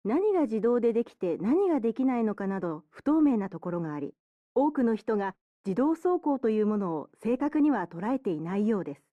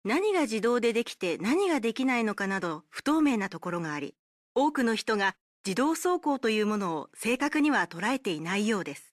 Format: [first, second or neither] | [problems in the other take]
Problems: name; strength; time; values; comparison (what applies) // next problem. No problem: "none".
second | muffled; very; fading above 1.5 kHz